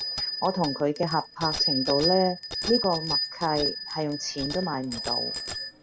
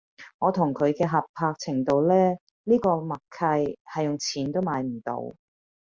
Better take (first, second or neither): second